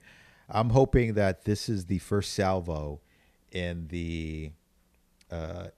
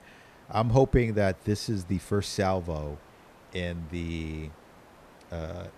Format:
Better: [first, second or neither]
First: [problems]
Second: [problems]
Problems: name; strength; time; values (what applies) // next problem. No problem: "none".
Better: first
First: none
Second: hiss; faint; throughout; 25 dB below the speech